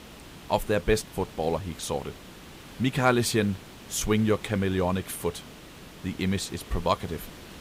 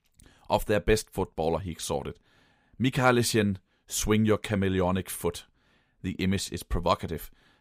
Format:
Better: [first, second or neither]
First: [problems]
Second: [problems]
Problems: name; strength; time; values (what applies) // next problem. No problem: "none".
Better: second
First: hiss; noticeable; throughout; 15 dB below the speech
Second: none